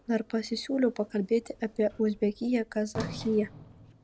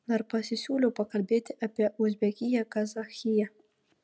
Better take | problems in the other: second | background sound (Sliding door); 15 dB below the speech

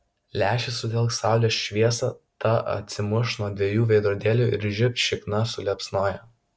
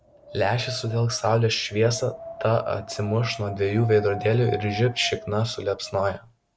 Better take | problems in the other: first | background sound (Wind); 15 dB below the speech

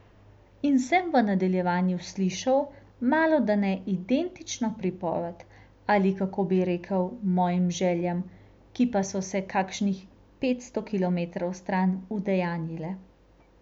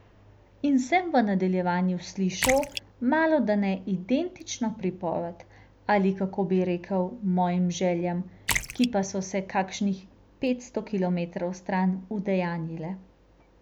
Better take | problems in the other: first | background sound (Splash, splatter); 9 dB below the speech

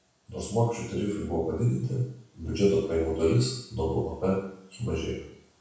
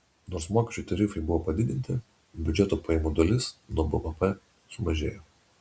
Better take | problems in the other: second | room echo; dies away in 0.7 s

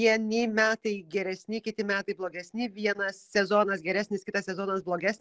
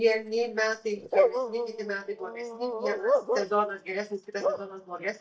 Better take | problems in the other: first | noise reduction (neural mask model DeepFilterNet 3)

